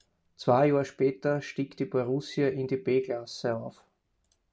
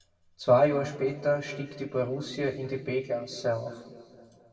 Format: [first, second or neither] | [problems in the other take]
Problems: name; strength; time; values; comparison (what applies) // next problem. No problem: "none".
first | room echo; dies away in 2.1 s